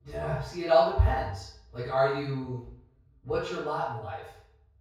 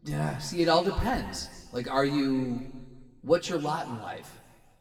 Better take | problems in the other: second | room echo; strong; dies away in 0.7 s; slight in the second // off-mic speech; far; somewhat distant in the second

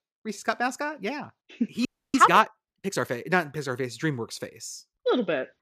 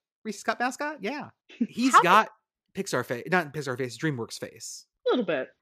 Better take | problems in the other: second | audio freezing; at 2 s

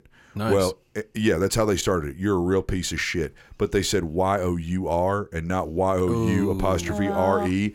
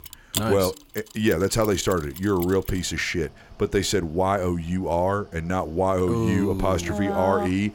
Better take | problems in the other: first | machinery noise; noticeable; throughout; 10 dB below the speech

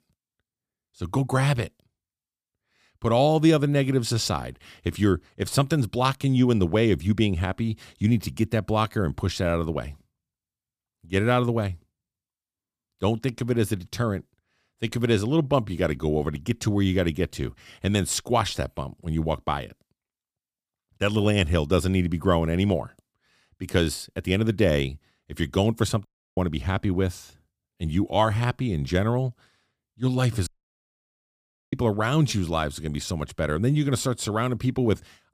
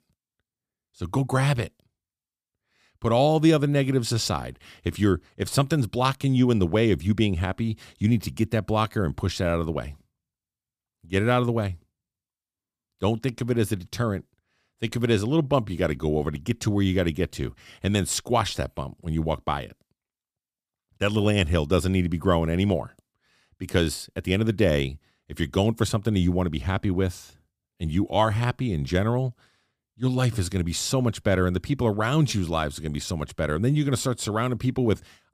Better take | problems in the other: second | audio cutting out; at 26 s and at 30 s for 1.5 s

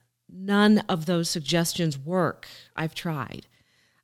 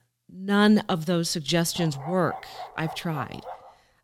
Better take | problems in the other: first | dog barking; faint; from 2 s on; peak 15 dB below the speech

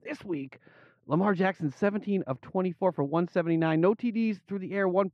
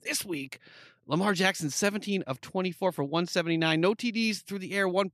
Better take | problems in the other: second | muffled; very; fading above 3.5 kHz

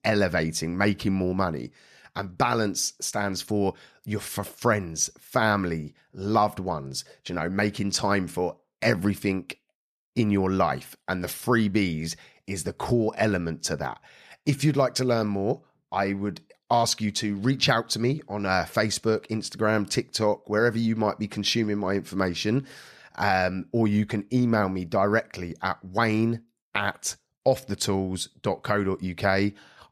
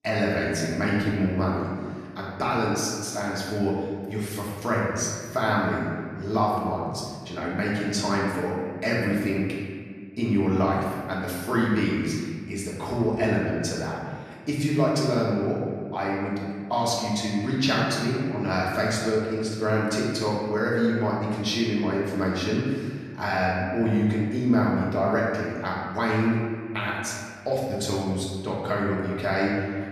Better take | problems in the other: first | room echo; noticeable; dies away in 1.7 s // off-mic speech; far

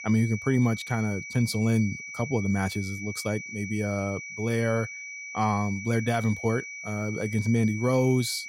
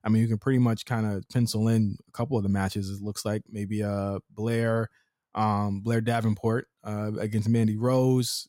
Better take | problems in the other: second | high-pitched whine; loud; throughout; 2.5 kHz, 9 dB below the speech

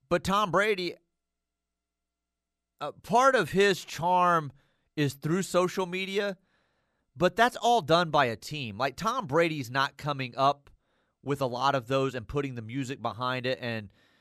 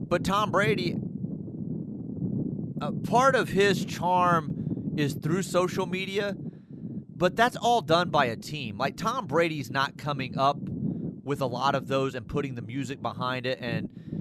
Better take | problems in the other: first | low rumble; noticeable; throughout; 15 dB below the speech

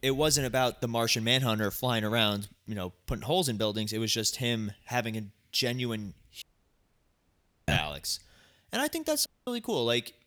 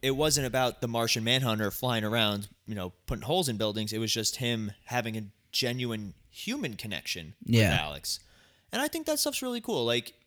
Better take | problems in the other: second | audio cutting out; at 6.5 s for 1.5 s and at 9.5 s

